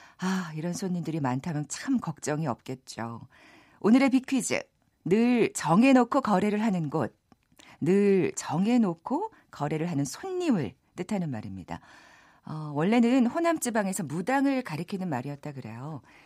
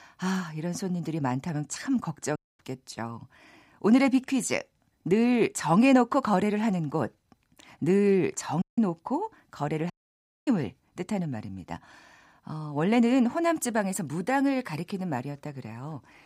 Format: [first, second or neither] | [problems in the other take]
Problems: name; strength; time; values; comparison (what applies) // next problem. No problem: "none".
first | audio cutting out; at 2.5 s, at 8.5 s and at 10 s for 0.5 s